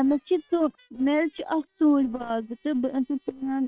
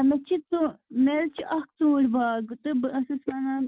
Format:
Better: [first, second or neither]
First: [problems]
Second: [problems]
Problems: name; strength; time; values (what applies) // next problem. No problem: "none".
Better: second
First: noise reduction (neural separator model SepFormer WHAM!)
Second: none